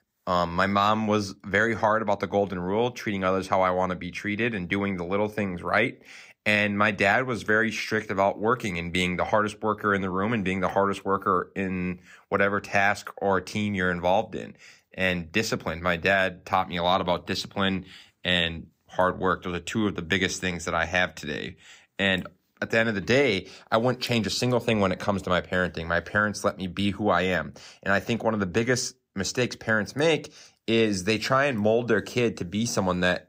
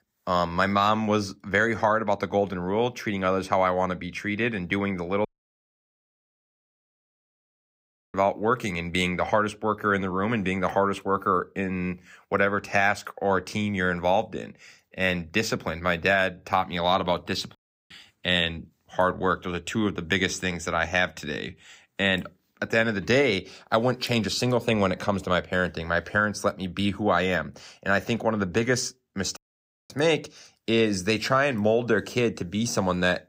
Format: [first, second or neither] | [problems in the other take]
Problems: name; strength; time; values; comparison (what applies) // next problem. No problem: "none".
first | audio cutting out; at 5.5 s for 3 s, at 18 s and at 29 s for 0.5 s